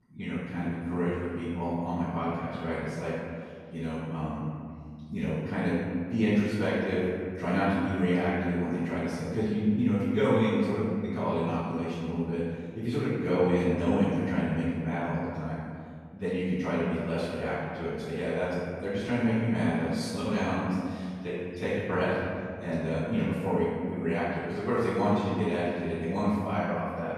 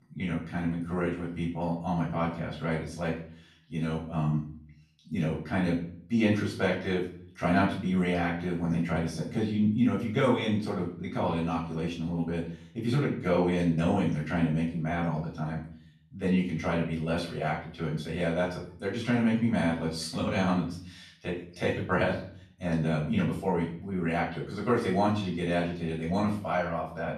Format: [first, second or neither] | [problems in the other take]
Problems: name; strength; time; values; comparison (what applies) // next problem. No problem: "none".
second | room echo; strong; dies away in 1.9 s; slight in the second // off-mic speech; far; far in the second